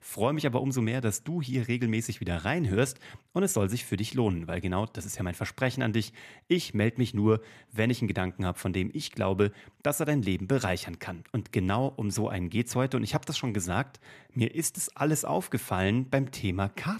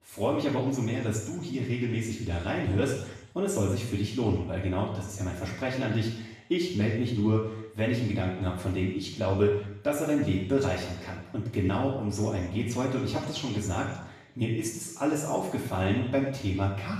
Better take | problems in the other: first | room echo; noticeable; dies away in 0.9 s // off-mic speech; far

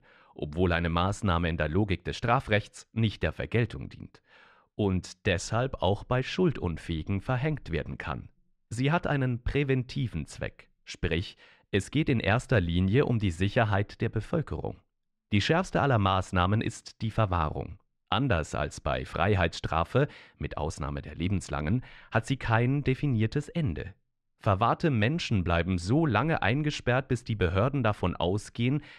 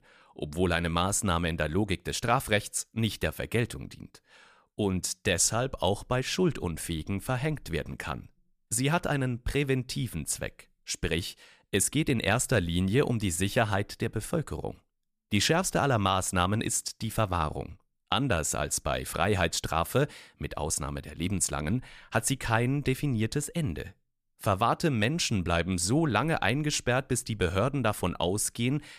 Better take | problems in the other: second | muffled; slightly; fading above 3 kHz

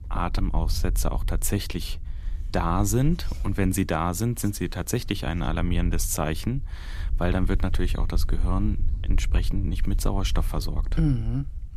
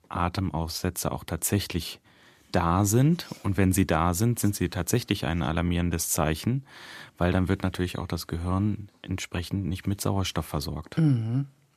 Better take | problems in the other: second | low rumble; faint; throughout; 20 dB below the speech

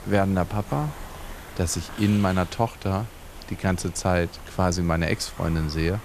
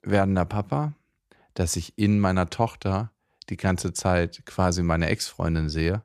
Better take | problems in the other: second | hiss; noticeable; throughout; 15 dB below the speech

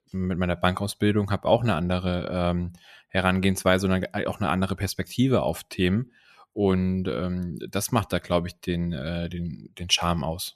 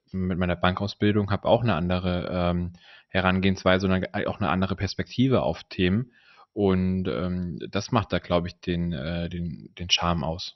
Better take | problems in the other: first | garbled, watery; slightly; nothing above 6 kHz

